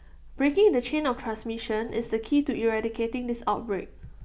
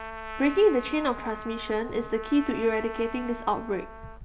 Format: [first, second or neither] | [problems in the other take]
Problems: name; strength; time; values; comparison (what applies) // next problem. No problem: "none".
first | background sound (Trumpet); 13 dB below the speech